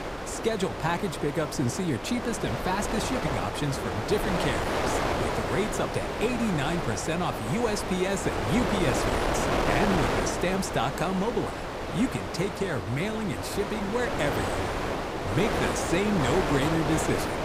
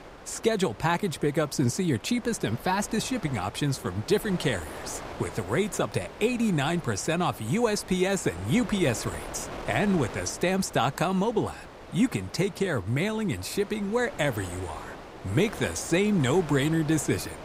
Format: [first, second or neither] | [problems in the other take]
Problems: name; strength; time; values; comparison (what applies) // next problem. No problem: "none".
second | wind noise on the microphone; heavy; 2 dB above the speech; occasional gusts in the second